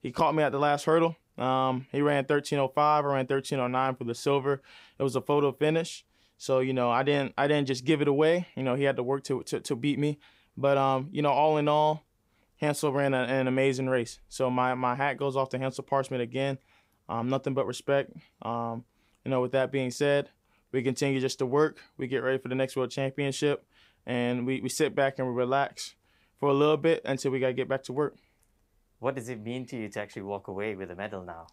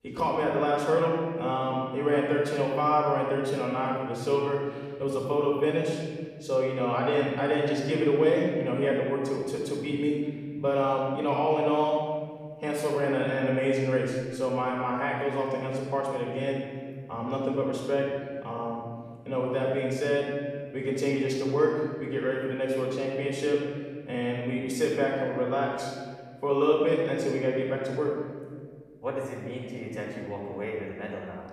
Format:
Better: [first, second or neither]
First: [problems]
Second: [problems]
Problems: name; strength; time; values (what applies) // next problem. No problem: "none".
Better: first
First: none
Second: off-mic speech; far // room echo; noticeable; dies away in 1.9 s